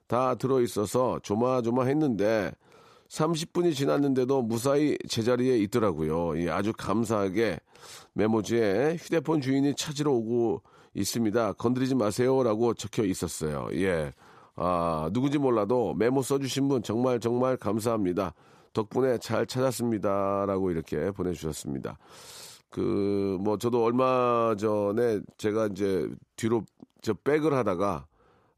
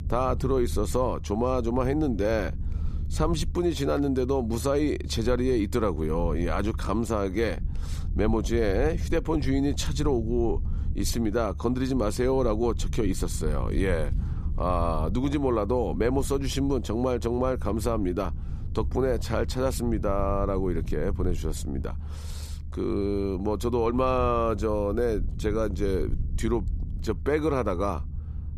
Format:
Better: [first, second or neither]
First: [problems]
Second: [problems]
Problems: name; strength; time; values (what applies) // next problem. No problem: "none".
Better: first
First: none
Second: low rumble; faint; throughout; 20 dB below the speech